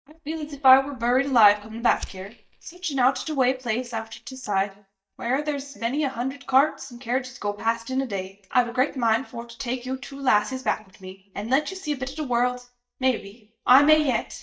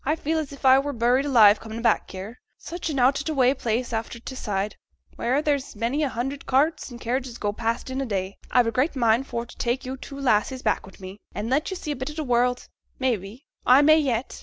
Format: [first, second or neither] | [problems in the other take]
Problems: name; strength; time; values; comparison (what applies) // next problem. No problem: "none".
second | noise reduction (neural mask model DeepFilterNet 3)